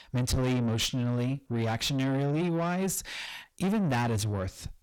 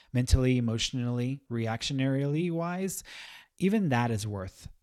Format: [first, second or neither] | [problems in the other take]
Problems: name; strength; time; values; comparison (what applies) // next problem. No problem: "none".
second | distortion; heavy; 7 dB below the speech